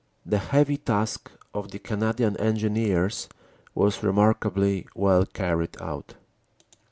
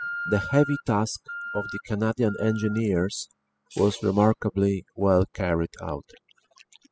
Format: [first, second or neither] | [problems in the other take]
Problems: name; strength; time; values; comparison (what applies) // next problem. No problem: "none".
first | noise reduction (classical method spectral subtraction)